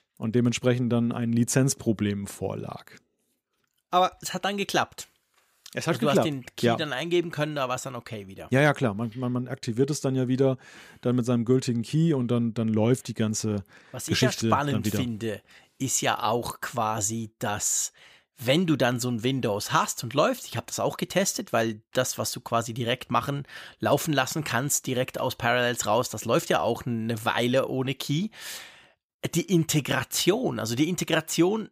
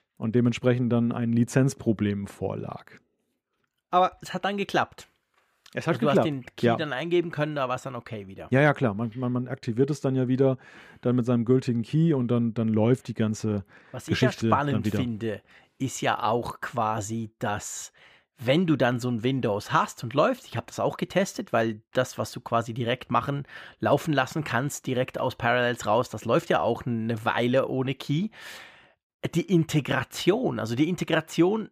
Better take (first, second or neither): first